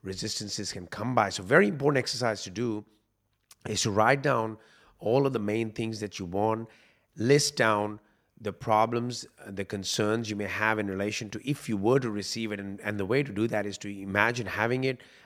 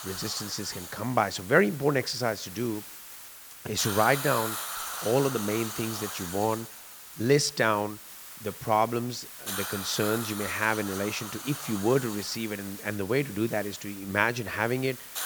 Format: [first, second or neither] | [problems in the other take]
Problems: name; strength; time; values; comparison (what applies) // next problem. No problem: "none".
first | hiss; loud; throughout; 8 dB below the speech